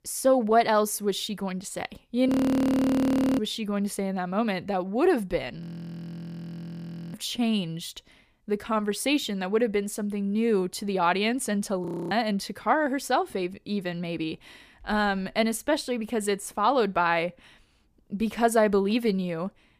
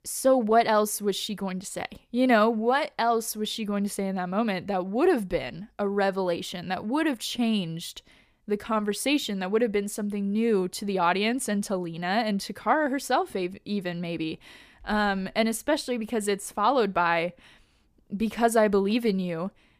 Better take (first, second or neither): second